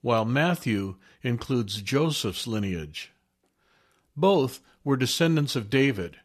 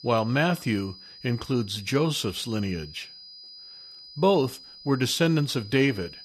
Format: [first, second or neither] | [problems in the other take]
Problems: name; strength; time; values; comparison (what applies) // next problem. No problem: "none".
first | high-pitched whine; noticeable; throughout; 5 kHz, 20 dB below the speech